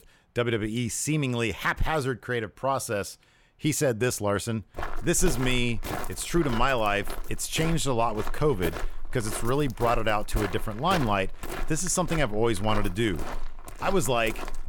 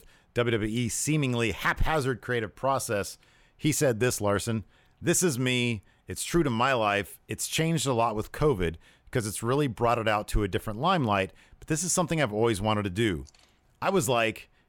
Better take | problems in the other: second | footsteps; noticeable; from 5 s on; peak 7 dB below the speech

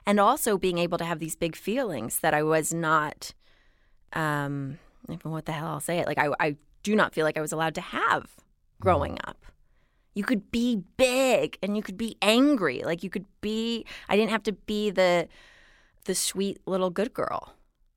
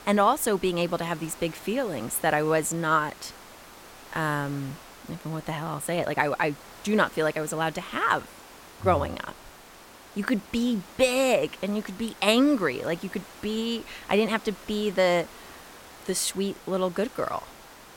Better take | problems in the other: first | hiss; noticeable; throughout; 20 dB below the speech

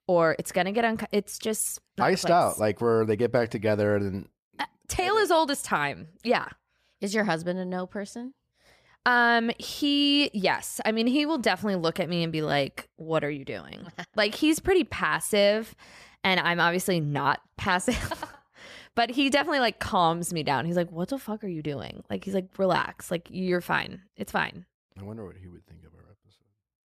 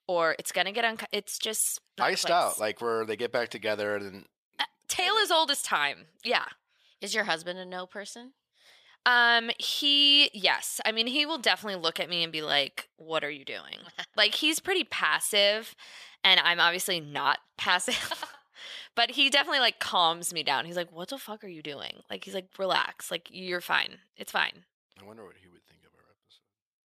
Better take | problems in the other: first | thin; somewhat; fading below 1 kHz

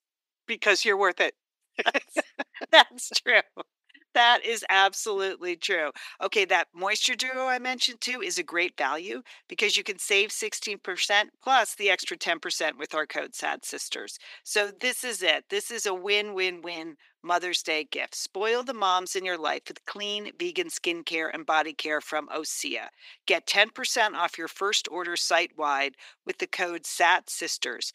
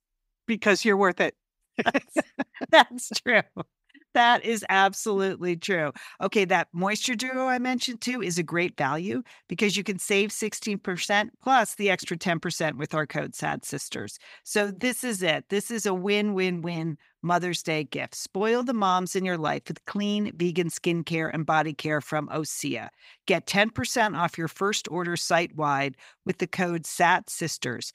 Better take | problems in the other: second | thin; very; fading below 350 Hz

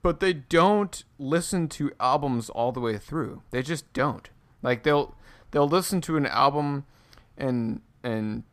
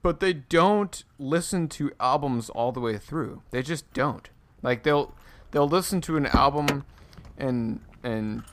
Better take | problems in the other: first | traffic noise; loud; throughout; 3 dB below the speech

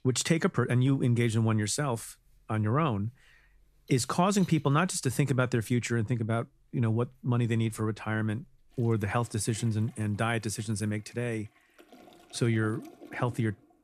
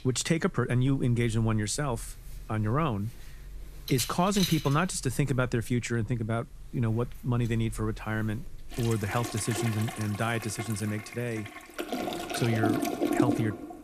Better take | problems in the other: first | household noises; loud; throughout; 5 dB below the speech; faint in the first

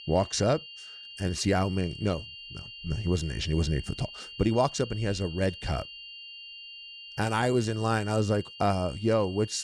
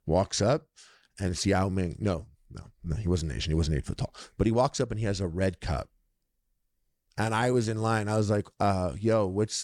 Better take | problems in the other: second | high-pitched whine; noticeable; throughout; 3 kHz, 15 dB below the speech

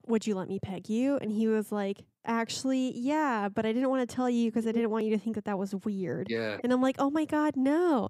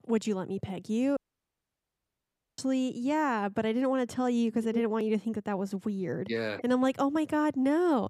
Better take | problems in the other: first | audio cutting out; at 1 s for 1.5 s

